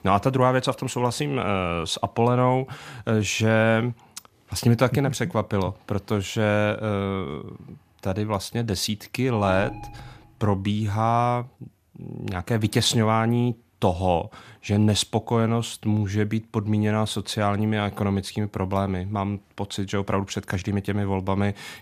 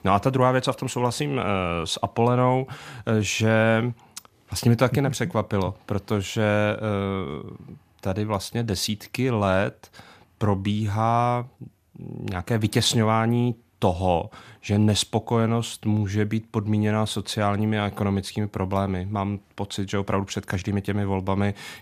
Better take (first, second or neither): second